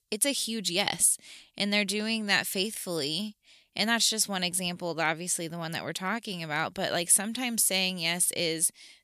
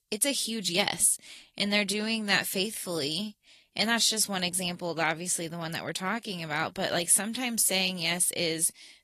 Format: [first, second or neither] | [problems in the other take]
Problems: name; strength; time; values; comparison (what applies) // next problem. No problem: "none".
first | garbled, watery; slightly